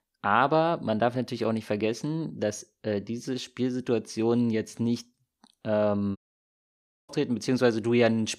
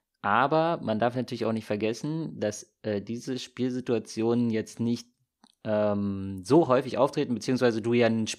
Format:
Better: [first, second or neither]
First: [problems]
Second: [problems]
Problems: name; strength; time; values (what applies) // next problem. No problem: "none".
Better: second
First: audio cutting out; at 6 s for 1 s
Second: none